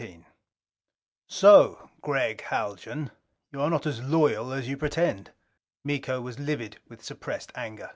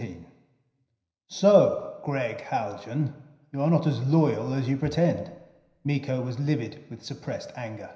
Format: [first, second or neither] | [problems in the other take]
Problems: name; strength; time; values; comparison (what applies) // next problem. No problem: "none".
first | room echo; dies away in 0.9 s